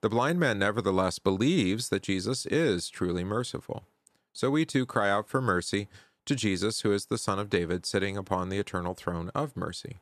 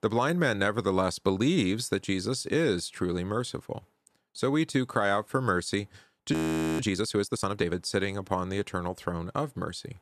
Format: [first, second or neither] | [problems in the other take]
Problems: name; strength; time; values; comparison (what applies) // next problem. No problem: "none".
first | audio freezing; at 6.5 s